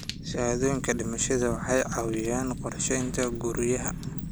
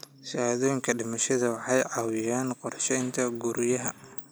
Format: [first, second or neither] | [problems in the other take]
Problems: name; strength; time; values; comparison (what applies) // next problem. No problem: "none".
second | background sound (Fire); 6 dB below the speech